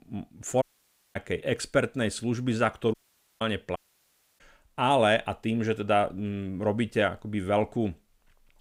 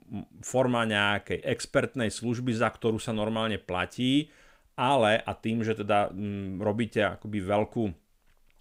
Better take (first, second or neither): second